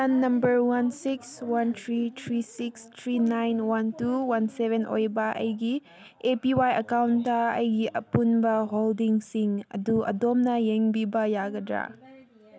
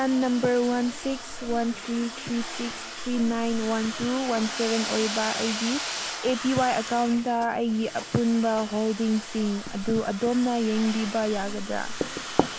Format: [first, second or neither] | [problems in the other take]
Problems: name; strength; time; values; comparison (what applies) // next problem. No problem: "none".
first | background sound (Writing + Domestic sounds, home sounds); 8 dB below the speech